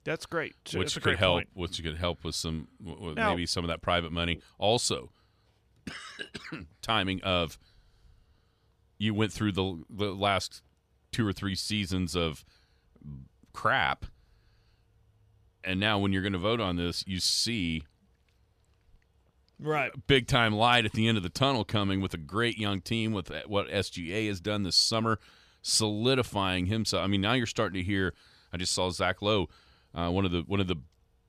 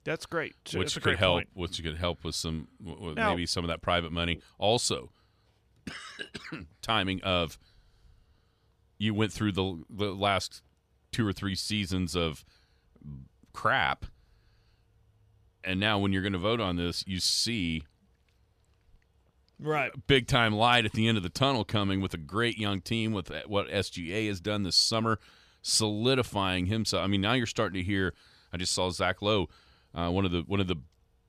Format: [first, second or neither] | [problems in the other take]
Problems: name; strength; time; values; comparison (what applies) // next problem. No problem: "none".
neither | none